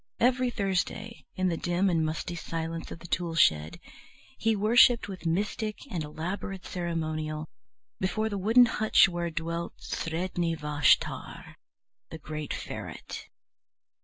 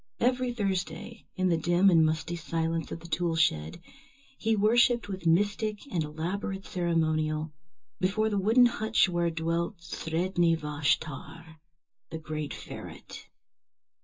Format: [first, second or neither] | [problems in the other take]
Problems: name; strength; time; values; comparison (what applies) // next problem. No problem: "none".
first | room echo; dies away in 0.2 s